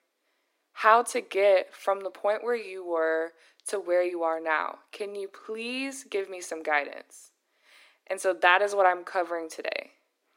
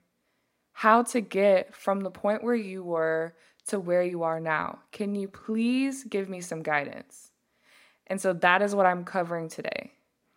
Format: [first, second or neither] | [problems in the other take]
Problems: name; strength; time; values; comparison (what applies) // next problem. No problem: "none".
second | thin; somewhat; fading below 300 Hz